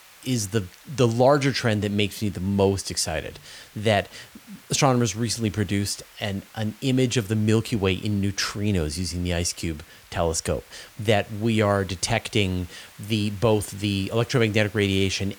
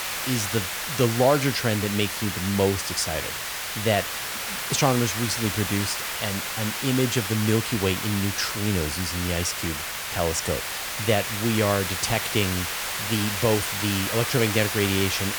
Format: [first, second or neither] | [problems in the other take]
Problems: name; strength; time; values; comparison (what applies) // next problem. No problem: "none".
first | hiss; loud; throughout; 2 dB below the speech; faint in the first